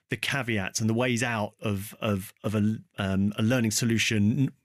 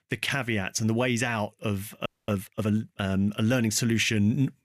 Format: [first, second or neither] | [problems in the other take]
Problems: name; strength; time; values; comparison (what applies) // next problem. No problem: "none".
first | audio freezing; at 2 s